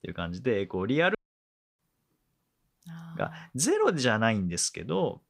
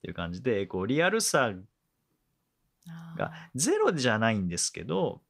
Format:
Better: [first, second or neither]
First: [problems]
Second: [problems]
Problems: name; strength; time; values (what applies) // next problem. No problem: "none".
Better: second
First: audio cutting out; at 1 s for 0.5 s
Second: none